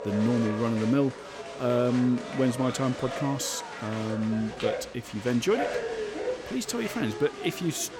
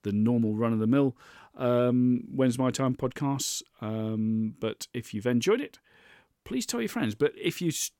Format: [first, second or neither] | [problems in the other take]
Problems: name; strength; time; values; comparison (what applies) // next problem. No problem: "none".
second | crowd noise; loud; throughout; 7 dB below the speech